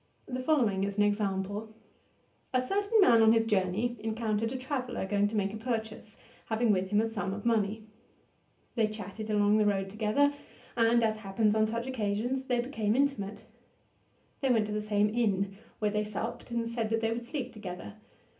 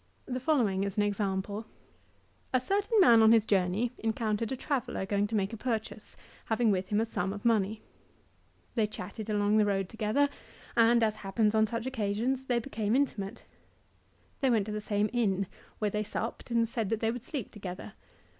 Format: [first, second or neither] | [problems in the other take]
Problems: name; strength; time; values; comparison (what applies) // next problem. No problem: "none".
second | room echo; dies away in 0.3 s